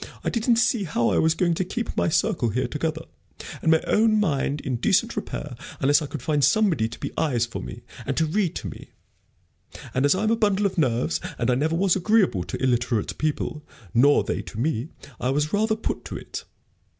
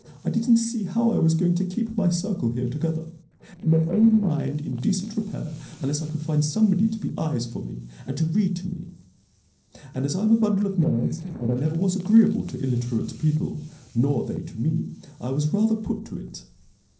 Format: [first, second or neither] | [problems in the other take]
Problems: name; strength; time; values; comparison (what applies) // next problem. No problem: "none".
first | noise reduction (neural separator model SepFormer DNS4)